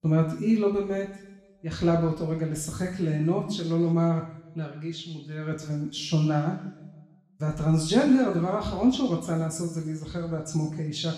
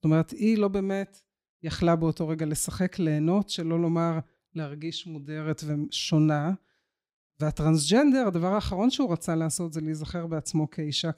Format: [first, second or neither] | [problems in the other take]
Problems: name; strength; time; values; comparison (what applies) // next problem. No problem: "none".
second | room echo; noticeable; dies away in 1 s // off-mic speech; far